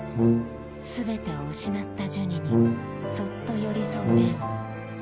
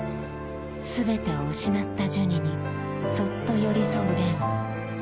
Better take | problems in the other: second | background sound (Brass instrument); 5 dB above the speech

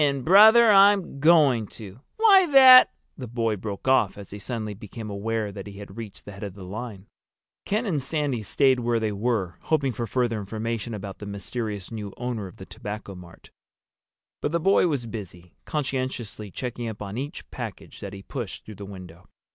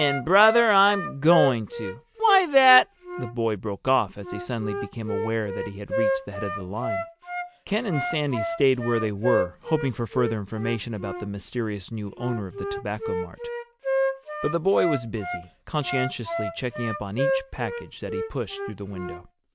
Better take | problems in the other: first | background sound (Wind instrument, woodwind instrument); 6 dB below the speech

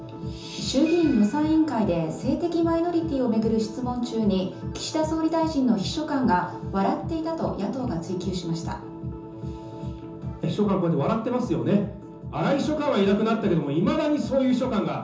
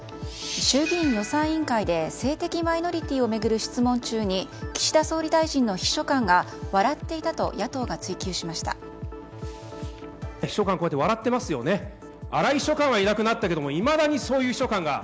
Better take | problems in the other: second | room echo; dies away in 0.6 s

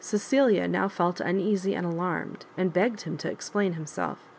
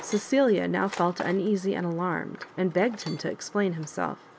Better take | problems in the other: first | background sound (Tools); 18 dB below the speech

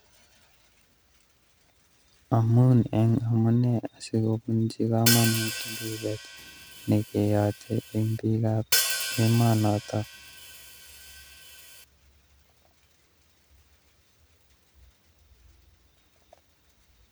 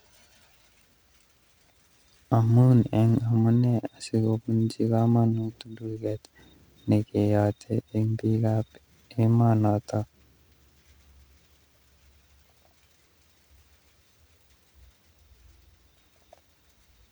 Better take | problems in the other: second | background sound (Hi-hat); 5 dB below the speech

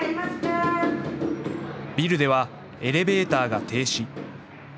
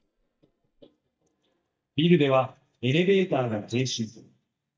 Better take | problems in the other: first | noise reduction (neural mask model DeepFilterNet 3)

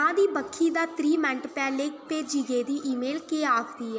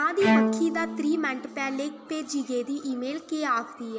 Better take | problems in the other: first | background sound (Bowed string instrument); 2 dB below the speech

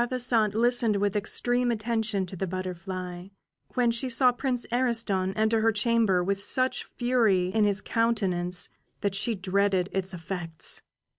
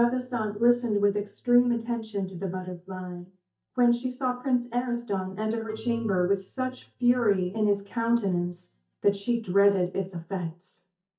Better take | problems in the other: first | noise reduction (neural mask model DeepFilterNet 3)

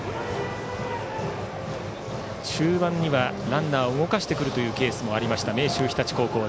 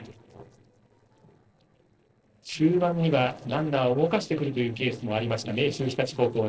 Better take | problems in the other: first | noise reduction (neural separator model SepFormer DNS4)

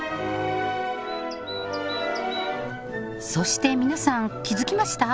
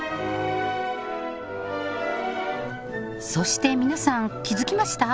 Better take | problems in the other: second | background sound (Bird vocalization, bird call, bird song); 14 dB below the speech

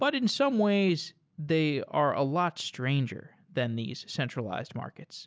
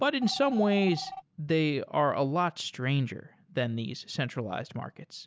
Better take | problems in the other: first | background sound (Telephone); 17 dB below the speech

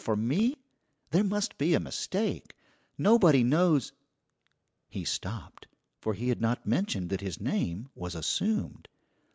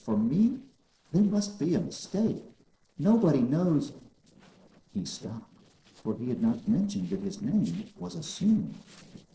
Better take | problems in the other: first | noise reduction (neural separator model SepFormer DNS4)

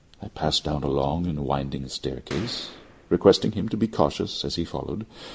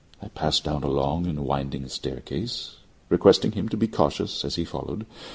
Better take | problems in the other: second | background sound (Boom); 16 dB below the speech

